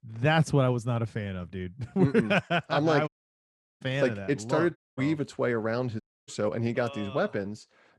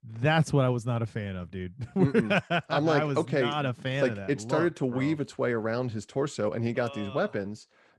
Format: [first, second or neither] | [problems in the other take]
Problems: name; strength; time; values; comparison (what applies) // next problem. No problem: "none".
second | audio cutting out; at 3 s for 0.5 s, at 5 s and at 6 s